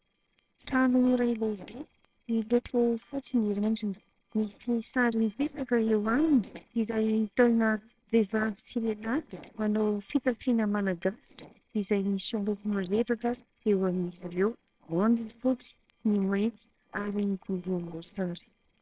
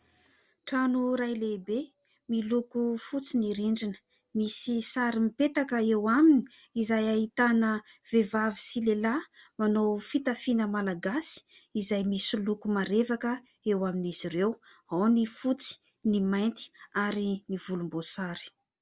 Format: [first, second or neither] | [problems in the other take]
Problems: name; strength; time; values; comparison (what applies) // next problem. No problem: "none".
second | noise reduction (neural separator model SepFormer WHAMR!)